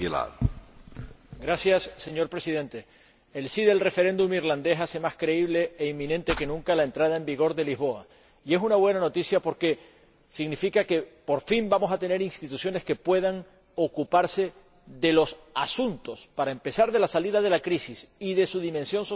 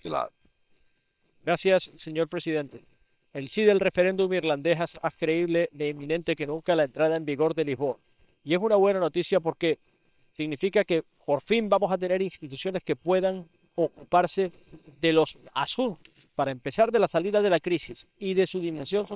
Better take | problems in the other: first | noise reduction (neural separator model SepFormer WHAM!)

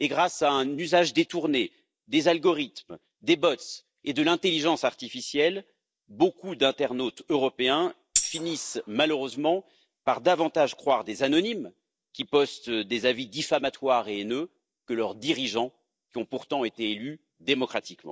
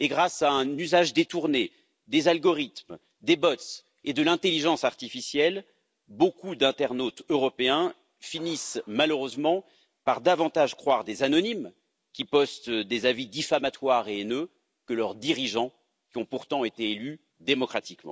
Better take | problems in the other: second | noise reduction (neural mask model DeepFilterNet 3)

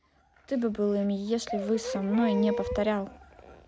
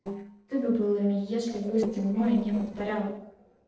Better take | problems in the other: first | noise reduction (neural separator model SepFormer DNS4)

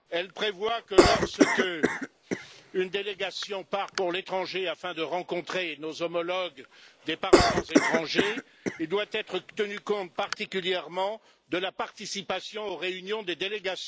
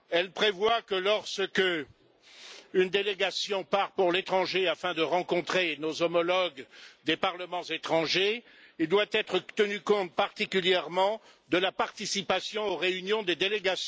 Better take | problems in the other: second | background sound (Cough); 4 dB above the speech

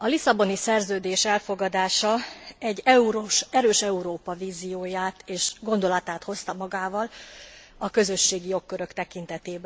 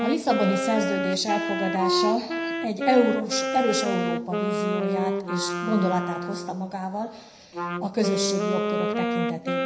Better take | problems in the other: first | background sound (Wind instrument, woodwind instrument); 1 dB below the speech // room echo; dies away in 0.9 s

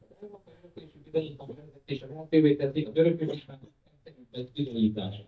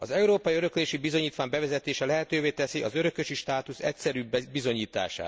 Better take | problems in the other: second | noise reduction (neural mask model DeepFilterNet 3)

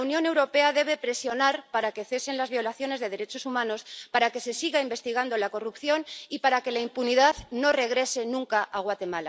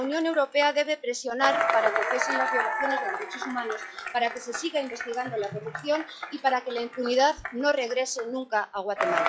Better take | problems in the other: first | noise reduction (classical method log-MMSE)

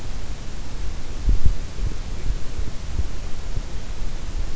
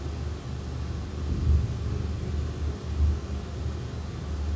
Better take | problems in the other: first | room echo; dies away in 1.3 s

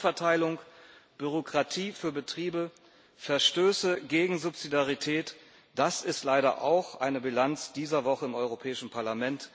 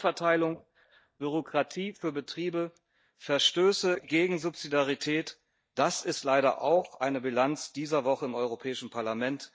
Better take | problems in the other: first | noise reduction (neural mask model DeepFilterNet 3)

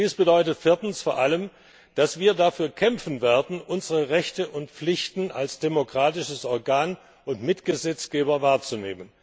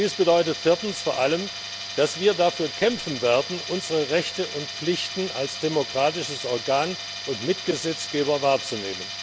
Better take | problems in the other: first | background sound (Tools); 9 dB below the speech

